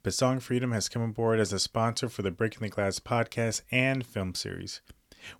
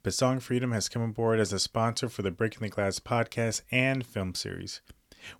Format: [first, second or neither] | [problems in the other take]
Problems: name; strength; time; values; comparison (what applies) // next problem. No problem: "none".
neither | none